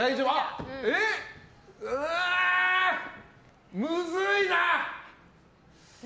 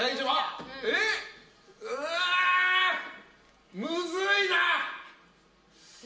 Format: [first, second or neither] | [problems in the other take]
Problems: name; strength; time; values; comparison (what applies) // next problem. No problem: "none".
first | room echo; dies away in 0.2 s